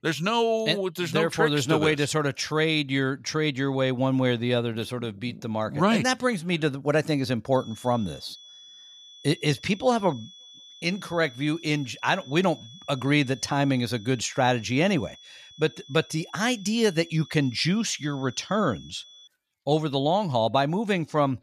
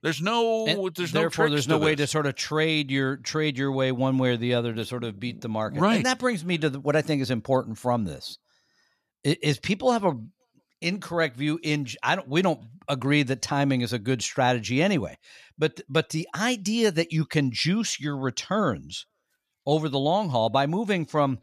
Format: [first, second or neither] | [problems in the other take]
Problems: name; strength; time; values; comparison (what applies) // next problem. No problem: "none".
second | high-pitched whine; faint; from 7.5 to 19 s; 3.5 kHz, 20 dB below the speech